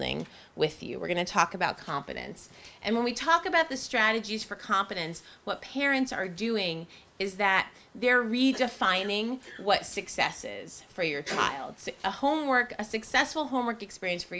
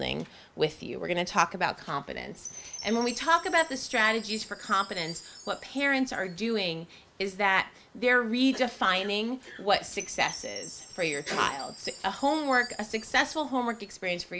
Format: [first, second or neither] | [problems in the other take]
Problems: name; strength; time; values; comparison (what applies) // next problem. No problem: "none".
first | background sound (Chime); 18 dB below the speech